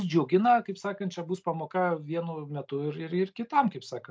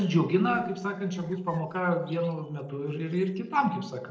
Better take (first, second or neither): first